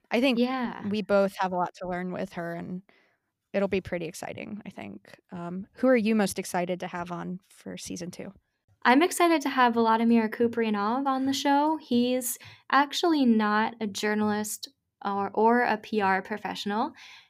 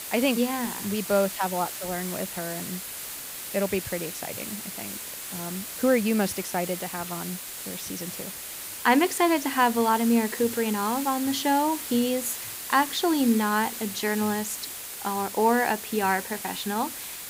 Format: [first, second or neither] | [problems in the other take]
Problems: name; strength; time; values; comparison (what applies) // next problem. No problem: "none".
first | hiss; loud; throughout; 8 dB below the speech